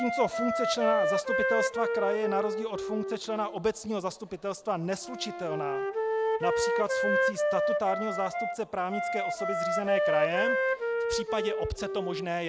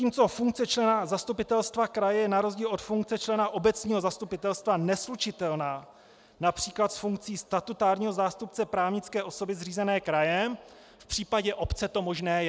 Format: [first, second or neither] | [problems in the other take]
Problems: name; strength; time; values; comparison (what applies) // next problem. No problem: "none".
second | background sound (Wind instrument, woodwind instrument); 2 dB above the speech